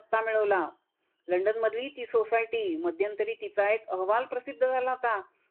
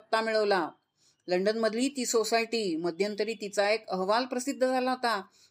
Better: second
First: phone-call audio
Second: none

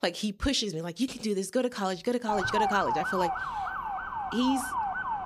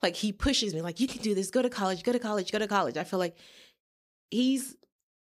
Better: second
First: siren; loud; from 2.5 s on; peak 2 dB above the speech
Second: none

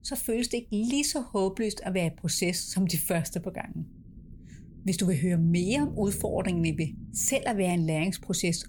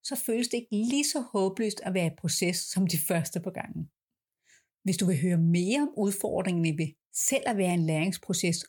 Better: second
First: low rumble; faint; throughout; 20 dB below the speech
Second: none

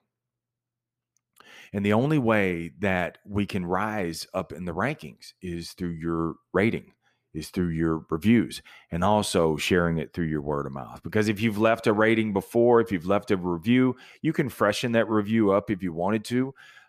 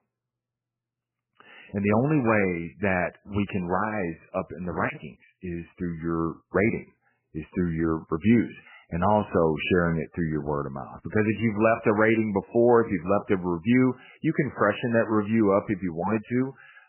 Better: first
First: none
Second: garbled, watery; badly; nothing above 3 kHz

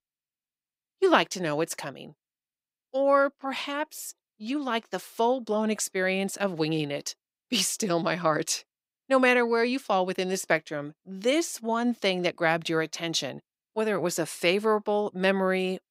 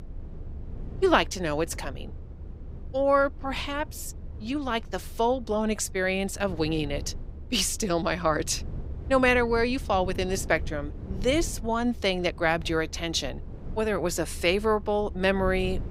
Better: first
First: none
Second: low rumble; faint; throughout; 25 dB below the speech

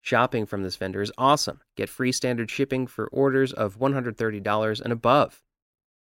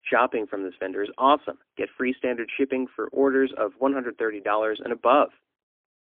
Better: first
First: none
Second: phone-call audio; poor line; nothing above 3.5 kHz

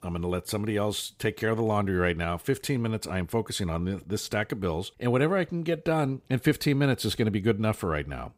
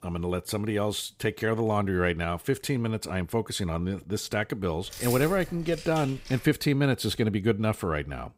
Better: first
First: none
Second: jangling keys; noticeable; from 5 to 6.5 s; peak 6 dB below the speech

